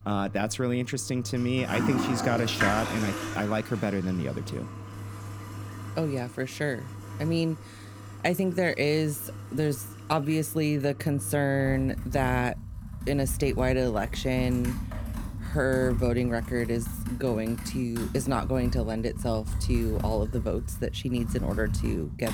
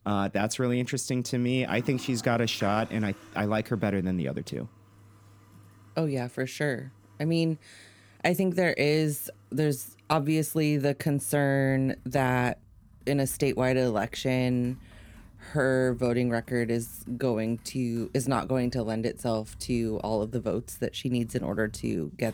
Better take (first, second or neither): second